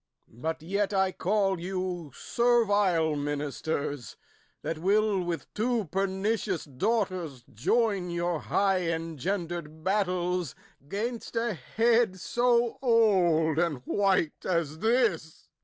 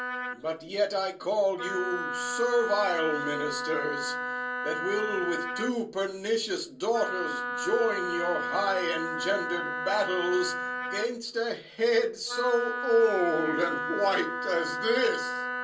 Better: first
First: none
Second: background sound (Wind instrument, woodwind instrument); 4 dB below the speech // room echo; dies away in 0.3 s

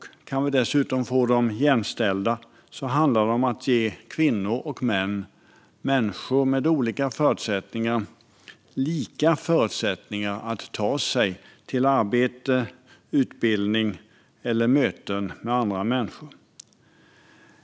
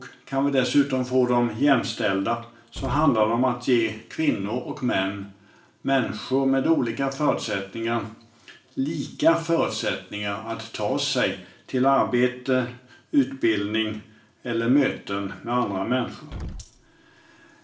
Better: first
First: none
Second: background sound (Explosion); 14 dB below the speech // room echo; dies away in 0.4 s

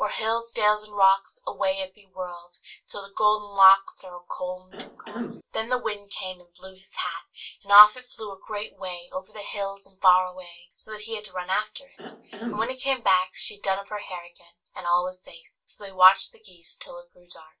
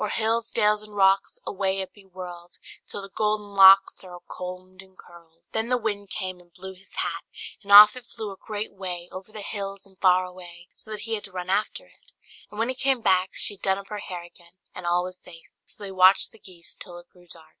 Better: second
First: background sound (Cough); 11 dB below the speech // room echo; dies away in 0.2 s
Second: none

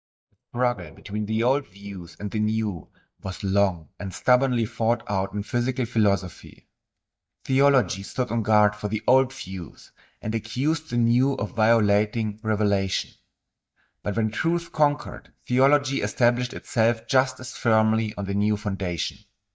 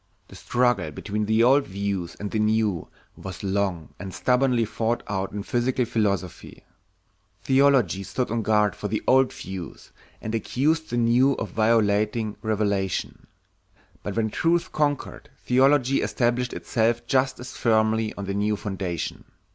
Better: second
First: noise reduction (neural mask model DeepFilterNet 3)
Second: none

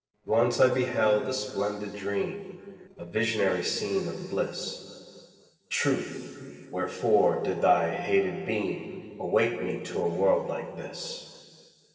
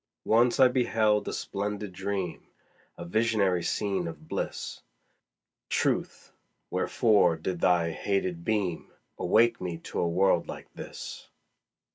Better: second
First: noise reduction (neural separator model SepFormer DNS4)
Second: none

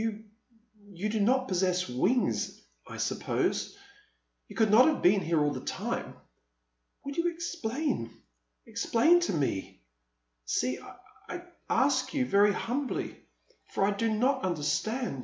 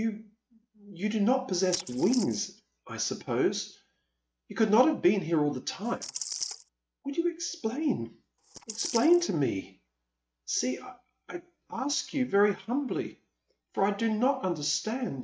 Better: first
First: none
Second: noise reduction (neural mask model RNNoise)

